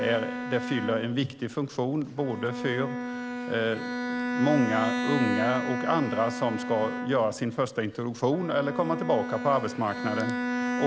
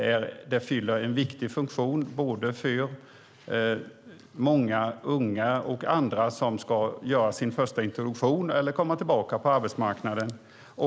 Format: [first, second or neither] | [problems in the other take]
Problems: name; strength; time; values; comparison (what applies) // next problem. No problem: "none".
second | background sound (Bowed string instrument); 4 dB below the speech